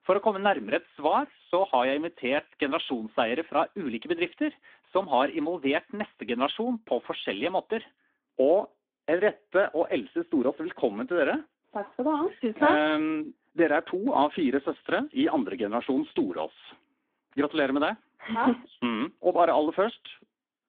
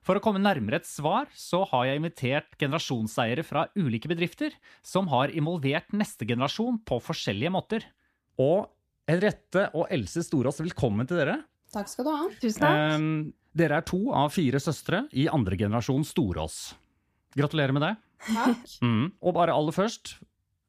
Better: second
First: phone-call audio; nothing above 3.5 kHz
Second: none

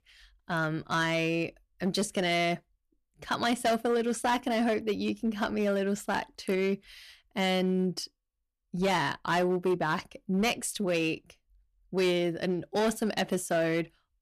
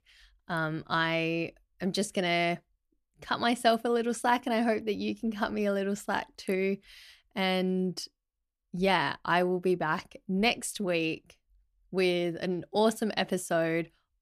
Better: second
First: distortion; slight; 7% of the sound clipped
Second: none

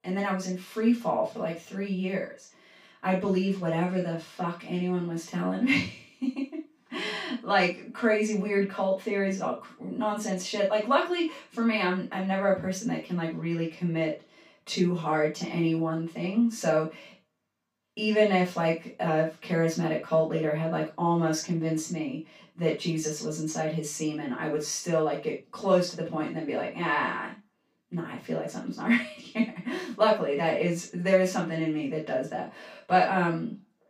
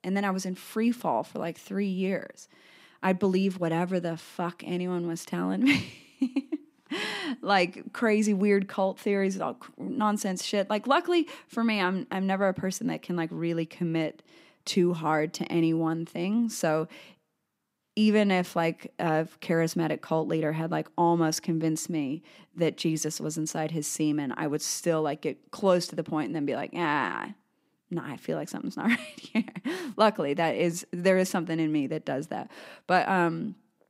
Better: second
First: room echo; noticeable; dies away in 0.2 s // off-mic speech; far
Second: none

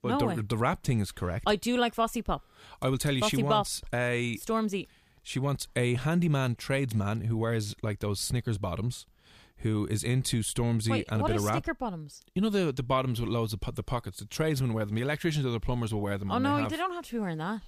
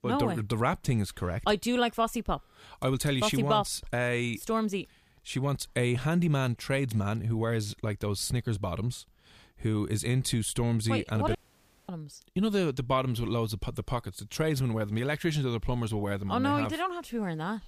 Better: first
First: none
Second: audio cutting out; at 11 s for 0.5 s

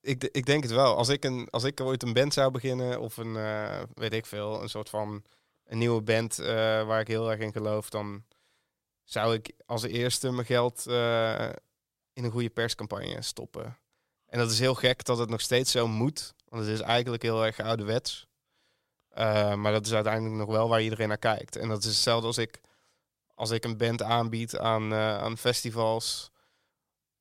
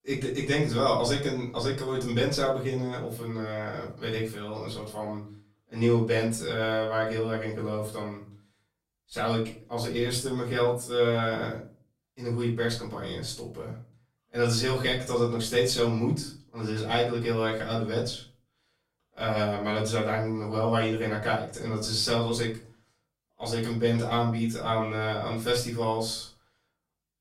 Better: first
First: none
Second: off-mic speech; far // room echo; slight; dies away in 0.3 s

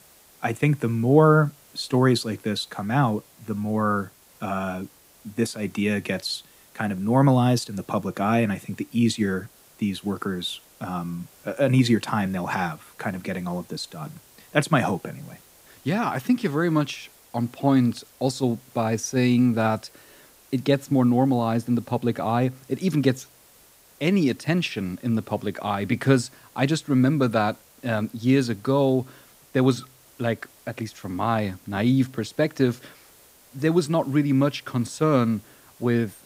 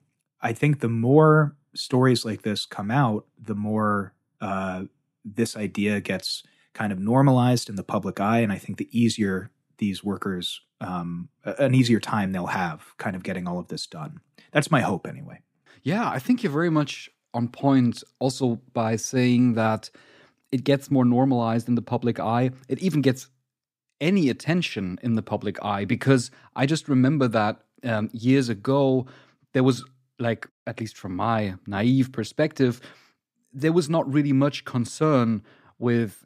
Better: second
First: hiss; faint; throughout; 25 dB below the speech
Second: none

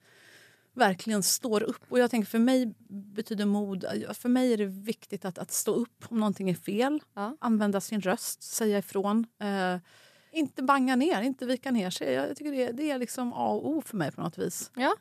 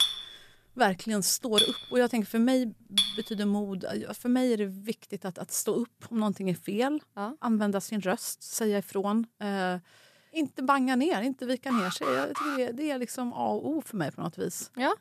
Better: first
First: none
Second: clattering dishes; loud; until 3 s; peak 5 dB above the speech // alarm; noticeable; at 12 s; peak 3 dB below the speech

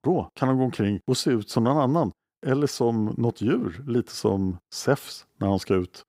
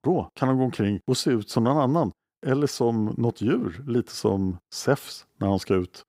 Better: neither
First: none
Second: none

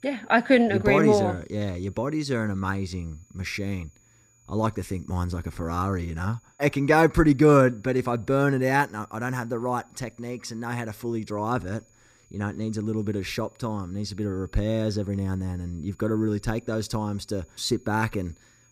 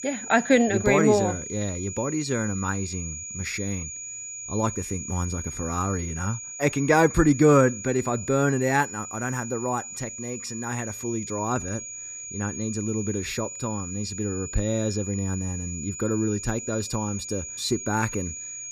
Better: first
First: high-pitched whine; faint; throughout; 7 kHz, 35 dB below the speech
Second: high-pitched whine; loud; throughout; 7 kHz, 8 dB below the speech

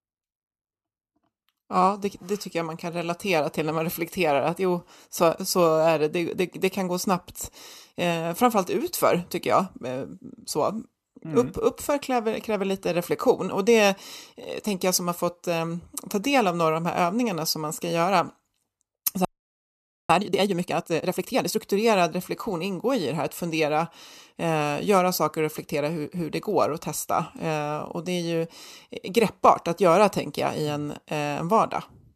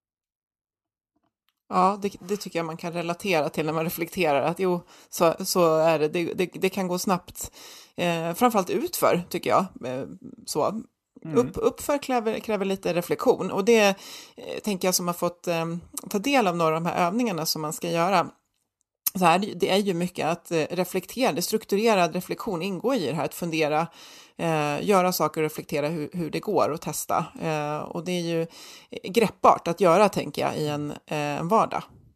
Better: second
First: audio freezing; at 19 s for 1 s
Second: none

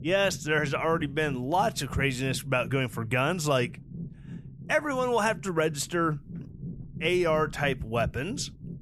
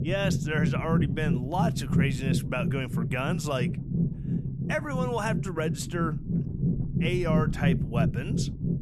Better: first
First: low rumble; faint; throughout; 20 dB below the speech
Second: low rumble; loud; throughout; 6 dB below the speech

